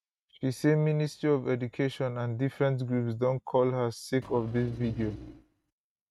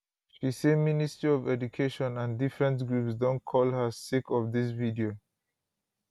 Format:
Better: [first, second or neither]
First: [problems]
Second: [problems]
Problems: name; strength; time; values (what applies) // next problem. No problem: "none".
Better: second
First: noise reduction (neural mask model RNNoise)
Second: none